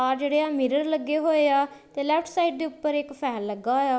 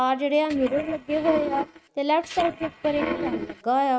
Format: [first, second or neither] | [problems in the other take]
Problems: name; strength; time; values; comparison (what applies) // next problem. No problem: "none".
first | noise reduction (neural mask model RNNoise)